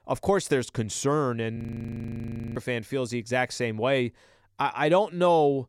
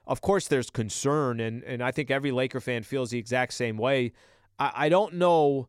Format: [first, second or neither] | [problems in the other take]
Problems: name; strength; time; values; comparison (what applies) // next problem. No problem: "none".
second | audio freezing; at 1.5 s for 1 s